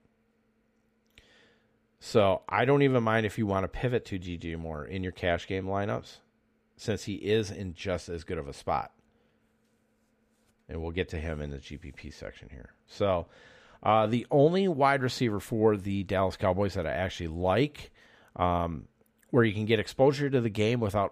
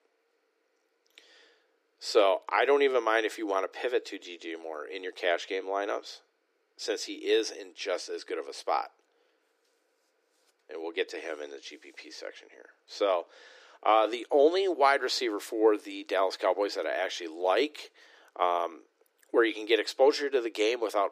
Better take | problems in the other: first | thin; very; fading below 300 Hz

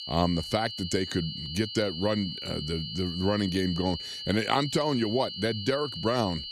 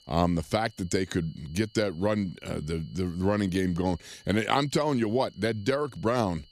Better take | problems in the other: second | high-pitched whine; loud; throughout; 3 kHz, 7 dB below the speech; faint in the second

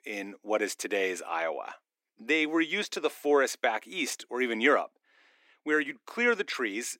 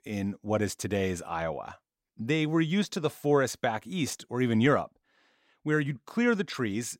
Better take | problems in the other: second | thin; somewhat; fading below 300 Hz

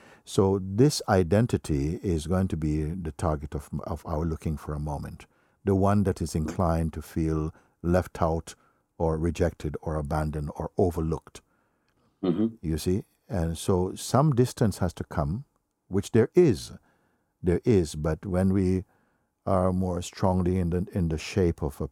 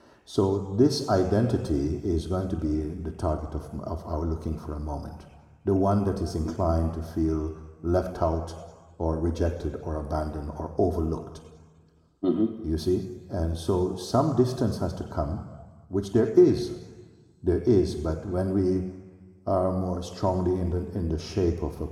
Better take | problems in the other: first | room echo; slight; dies away in 1.3 s

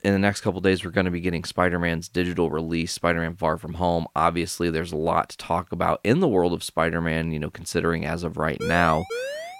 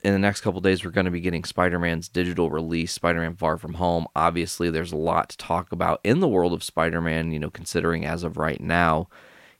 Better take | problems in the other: second | siren; noticeable; at 8.5 s; peak 6 dB below the speech

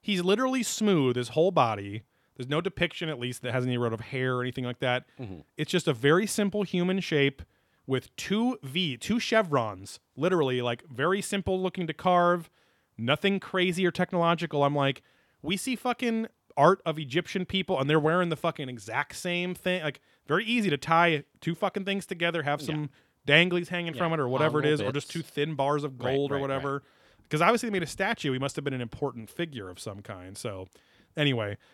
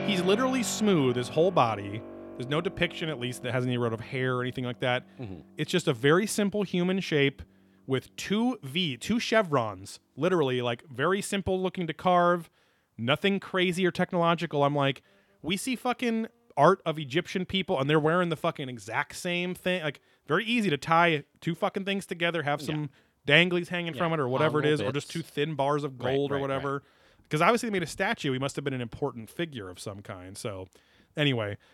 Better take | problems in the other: first | background music; noticeable; throughout; 15 dB below the speech

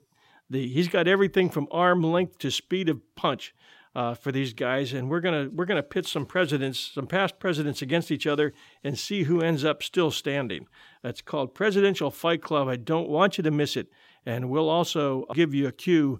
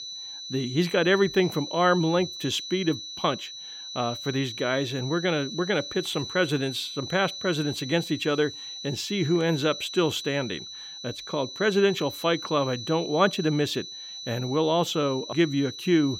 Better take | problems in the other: first | high-pitched whine; loud; throughout; 4 kHz, 10 dB below the speech

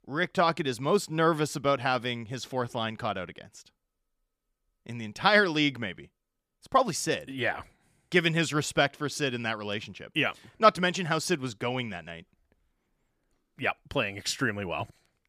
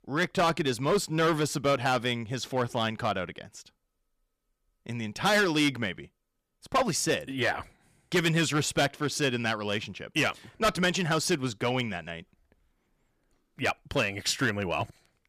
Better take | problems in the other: first | distortion; heavy; 5% of the sound clipped

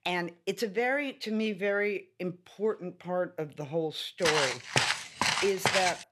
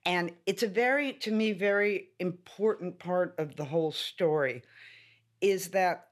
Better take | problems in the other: second | footsteps; loud; from 4 s on; peak 5 dB above the speech

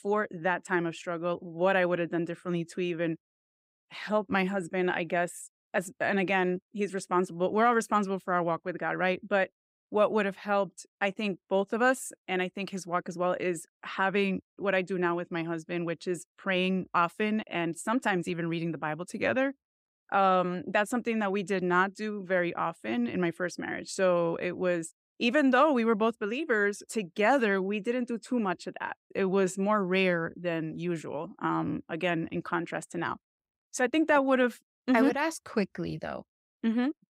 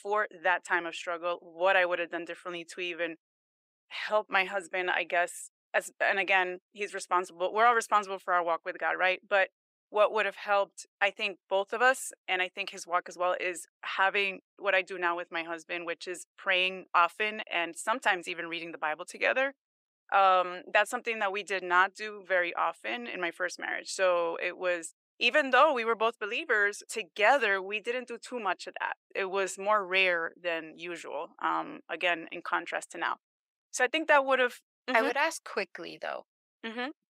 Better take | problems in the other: first | thin; very; fading below 600 Hz

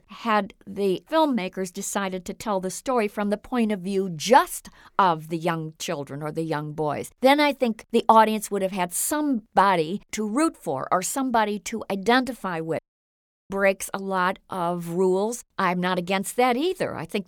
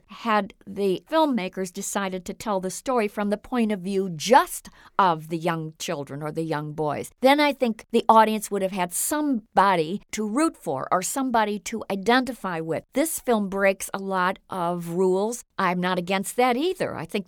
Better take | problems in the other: second | audio cutting out; at 13 s for 0.5 s

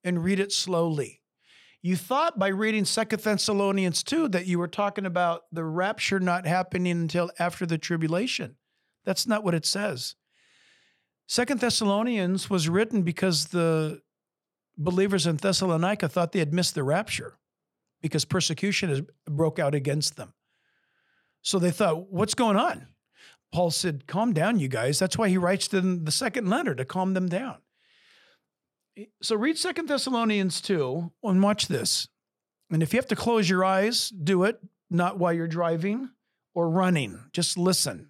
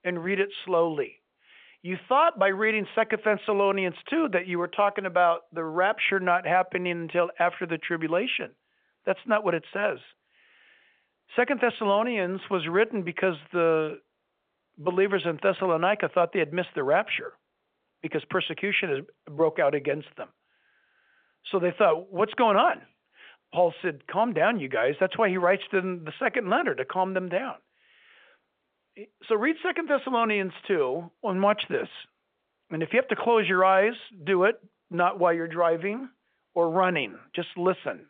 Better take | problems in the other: first | phone-call audio; nothing above 3.5 kHz

